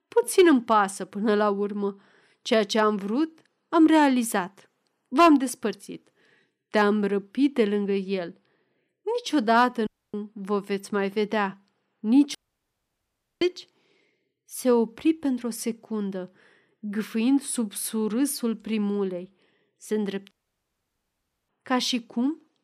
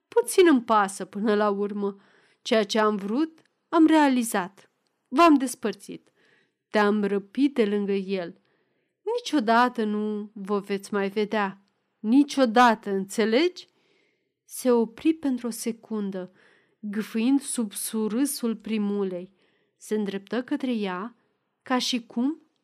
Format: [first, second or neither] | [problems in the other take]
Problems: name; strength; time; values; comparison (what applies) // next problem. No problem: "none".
second | audio cutting out; at 10 s, at 12 s for 1 s and at 20 s for 1 s